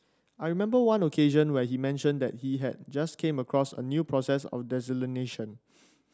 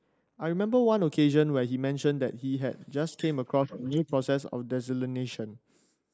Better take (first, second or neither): first